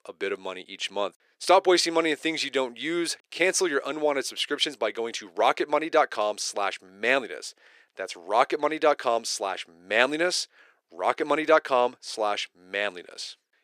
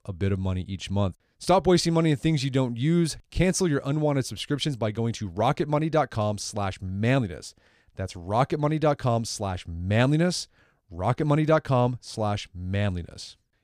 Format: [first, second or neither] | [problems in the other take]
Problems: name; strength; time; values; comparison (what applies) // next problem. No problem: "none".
second | thin; very; fading below 400 Hz